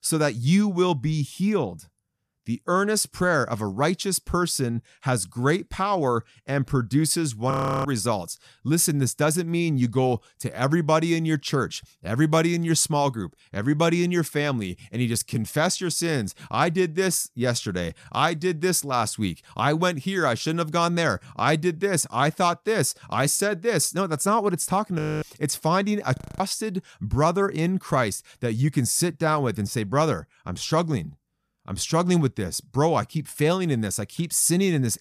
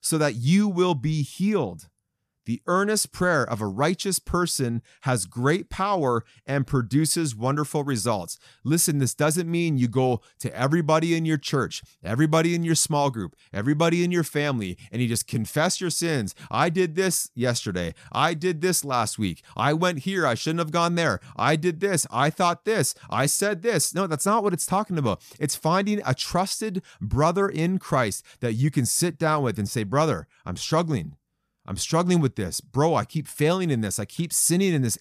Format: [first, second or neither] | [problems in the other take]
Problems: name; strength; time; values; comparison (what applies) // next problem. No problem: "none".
second | audio freezing; at 7.5 s, at 25 s and at 26 s